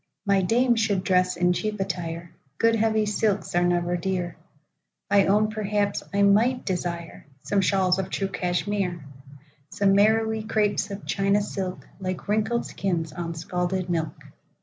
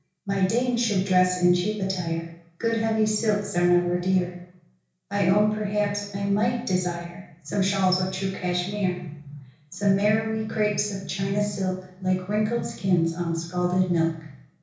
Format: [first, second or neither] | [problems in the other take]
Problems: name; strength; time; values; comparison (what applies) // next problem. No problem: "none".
first | room echo; dies away in 0.6 s